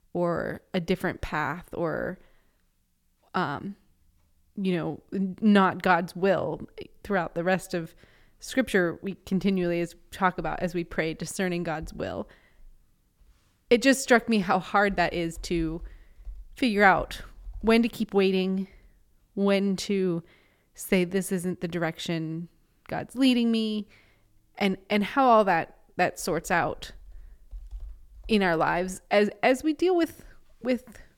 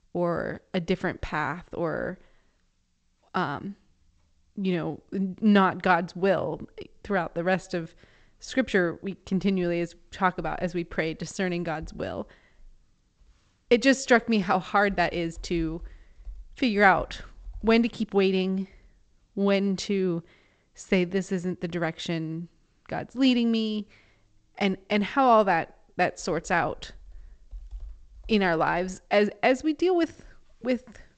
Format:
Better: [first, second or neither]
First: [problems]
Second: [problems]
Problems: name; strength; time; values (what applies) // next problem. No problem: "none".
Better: first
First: none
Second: garbled, watery; slightly; nothing above 8 kHz